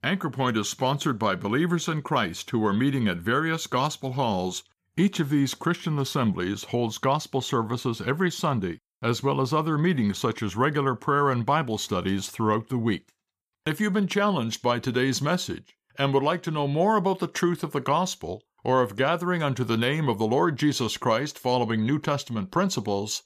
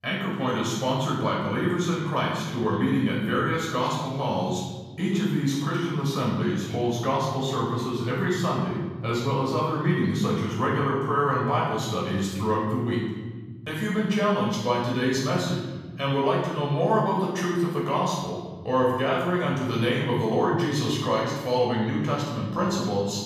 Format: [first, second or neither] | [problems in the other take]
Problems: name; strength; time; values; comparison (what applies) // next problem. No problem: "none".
first | off-mic speech; far // room echo; noticeable; dies away in 1.4 s